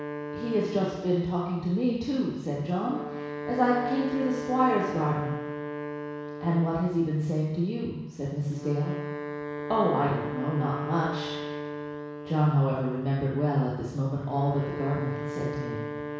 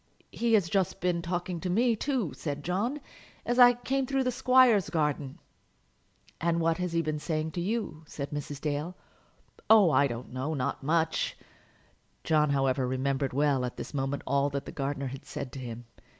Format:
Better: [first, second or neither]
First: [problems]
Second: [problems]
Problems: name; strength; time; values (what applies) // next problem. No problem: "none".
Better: second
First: background sound (Wind instrument, woodwind instrument); 9 dB below the speech // room echo; dies away in 1.1 s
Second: none